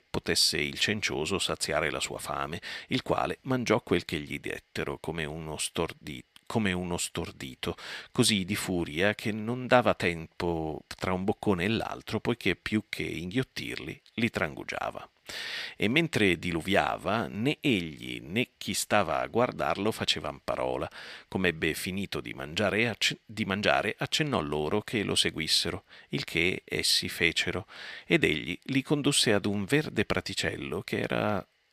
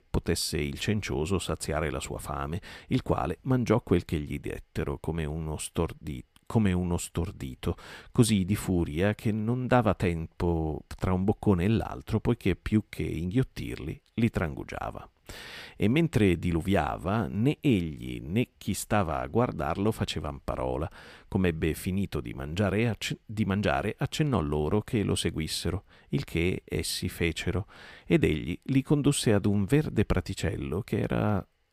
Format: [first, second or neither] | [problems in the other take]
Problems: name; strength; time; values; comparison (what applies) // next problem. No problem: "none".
second | thin; very slightly; fading below 250 Hz